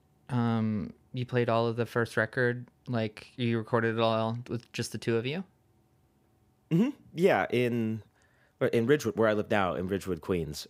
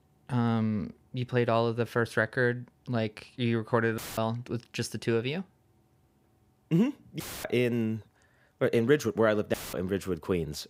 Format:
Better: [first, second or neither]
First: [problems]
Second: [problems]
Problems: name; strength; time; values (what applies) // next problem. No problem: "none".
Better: first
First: none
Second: audio cutting out; filled with static; at 4 s, at 7 s and at 9.5 s